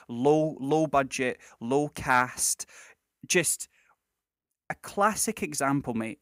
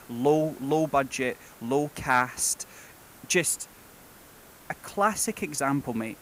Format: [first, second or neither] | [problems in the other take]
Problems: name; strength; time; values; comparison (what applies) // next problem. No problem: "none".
first | hiss; faint; throughout; 25 dB below the speech